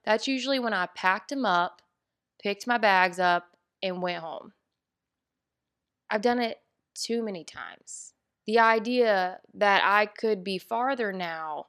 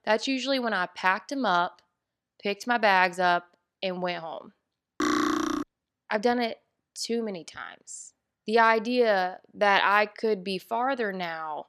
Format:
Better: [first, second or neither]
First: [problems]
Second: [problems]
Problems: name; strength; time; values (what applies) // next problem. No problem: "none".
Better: first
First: none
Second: clattering dishes; loud; at 5 s; peak 1 dB above the speech